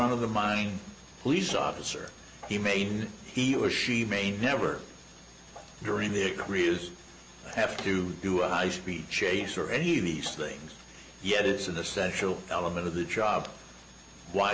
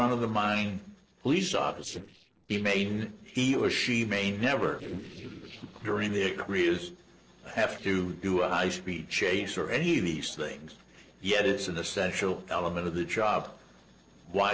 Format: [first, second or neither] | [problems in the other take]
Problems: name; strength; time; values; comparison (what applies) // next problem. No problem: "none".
first | noise reduction (neural separator model SepFormer DNS4)